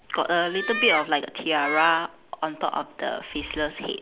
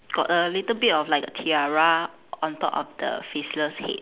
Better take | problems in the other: second | background sound (Meow); 8 dB below the speech

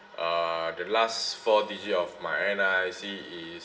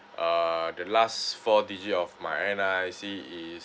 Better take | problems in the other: second | room echo; dies away in 2.5 s

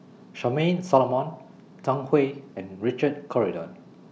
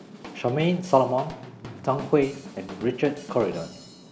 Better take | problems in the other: first | background sound (Drum / Drum kit); 16 dB below the speech

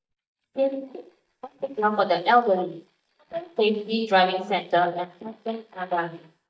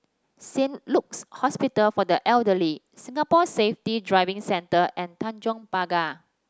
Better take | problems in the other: second | noise reduction (neural mask model DeepFilterNet 3)

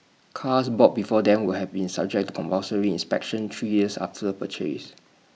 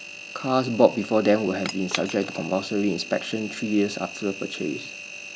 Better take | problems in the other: first | background sound (Cutlery, silverware / Chink, clink + Engine); 12 dB below the speech

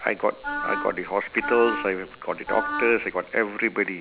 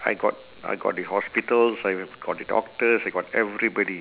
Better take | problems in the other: second | background sound (Wind instrument, woodwind instrument); 6 dB below the speech

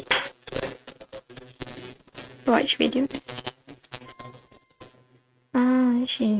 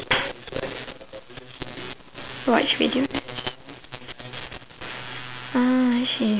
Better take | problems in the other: second | noise reduction (neural mask model RNNoise)

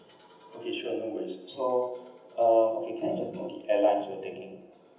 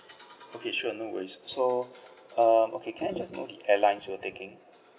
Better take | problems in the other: second | room echo; dies away in 0.8 s

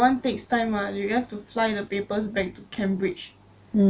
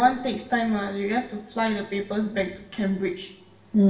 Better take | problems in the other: first | room echo; dies away in 0.8 s

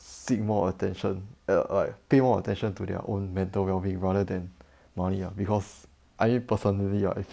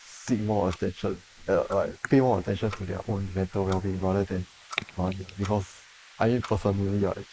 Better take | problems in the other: first | noise reduction (neural mask model Resemble Enhance denoiser)

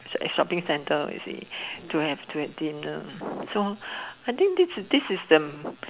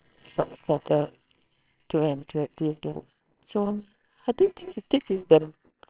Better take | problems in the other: first | noise reduction (neural separator model SepFormer WHAMR!)

